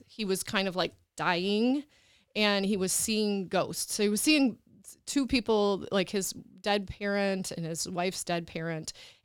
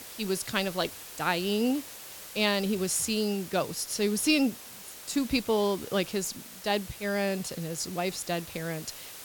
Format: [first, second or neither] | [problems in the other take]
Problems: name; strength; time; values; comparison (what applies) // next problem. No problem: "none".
first | hiss; noticeable; throughout; 15 dB below the speech